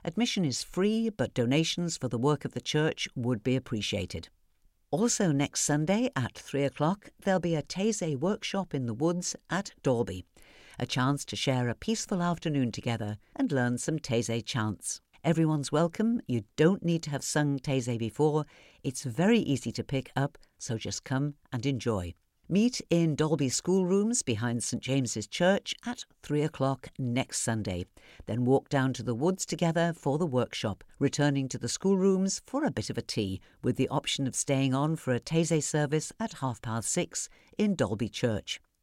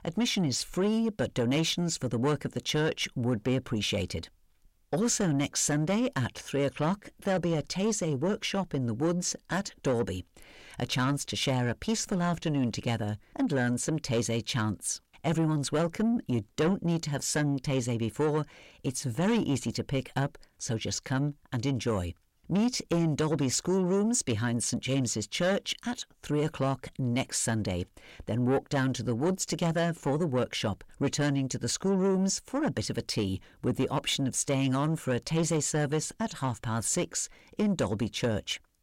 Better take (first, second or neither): first